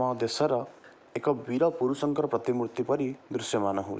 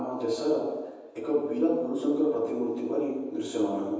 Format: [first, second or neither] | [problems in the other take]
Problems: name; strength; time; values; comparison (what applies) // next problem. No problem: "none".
first | room echo; dies away in 1.1 s